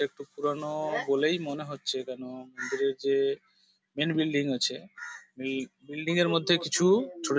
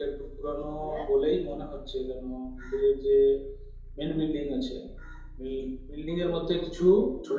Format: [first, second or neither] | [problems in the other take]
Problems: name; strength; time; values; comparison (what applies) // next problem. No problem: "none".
first | background sound (Idling / Car); 14 dB below the speech // room echo; dies away in 2.8 s